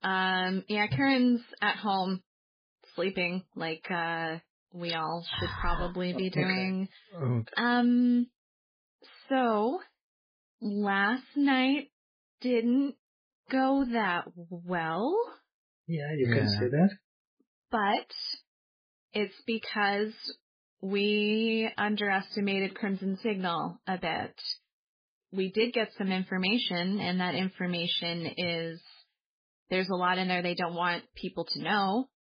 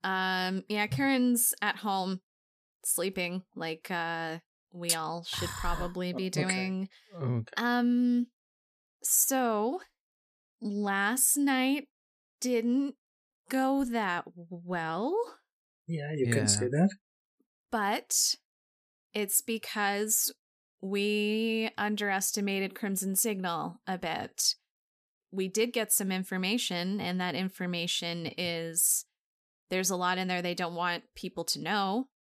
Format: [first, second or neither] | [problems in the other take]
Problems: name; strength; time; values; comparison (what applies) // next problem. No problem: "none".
second | garbled, watery; badly